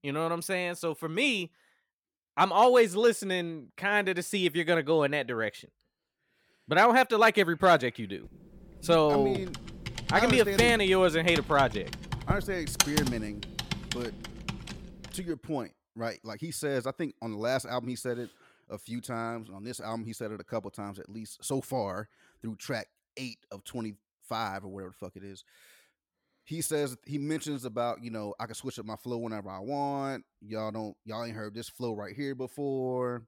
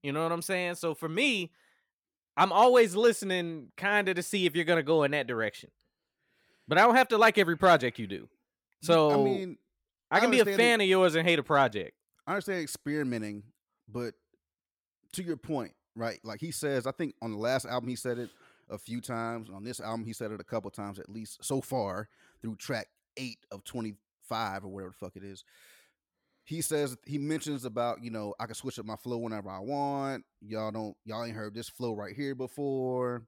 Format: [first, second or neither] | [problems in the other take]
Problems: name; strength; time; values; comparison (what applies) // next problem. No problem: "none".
second | keyboard typing; loud; from 9.5 to 15 s; peak 3 dB above the speech